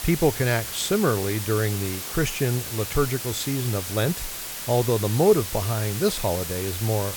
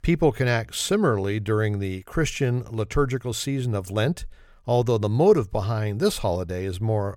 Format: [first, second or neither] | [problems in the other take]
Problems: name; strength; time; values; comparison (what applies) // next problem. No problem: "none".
second | hiss; loud; throughout; 6 dB below the speech